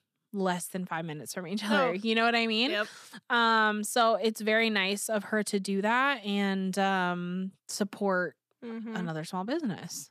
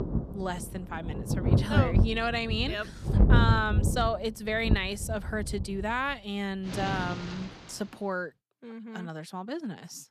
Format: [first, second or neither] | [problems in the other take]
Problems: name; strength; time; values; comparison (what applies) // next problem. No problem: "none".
first | rain or running water; very loud; until 7.5 s; 3 dB above the speech